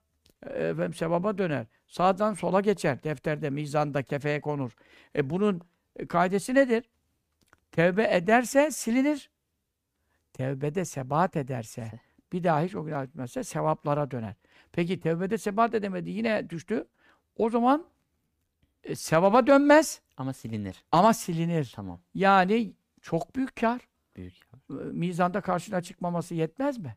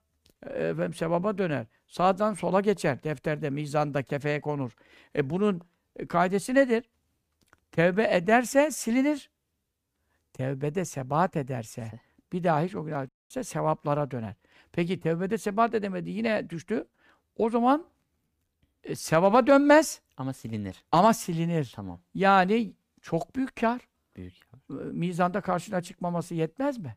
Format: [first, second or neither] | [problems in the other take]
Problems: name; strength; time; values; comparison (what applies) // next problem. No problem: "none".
first | audio cutting out; at 13 s